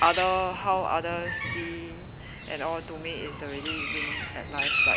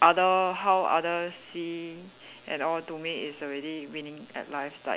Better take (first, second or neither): second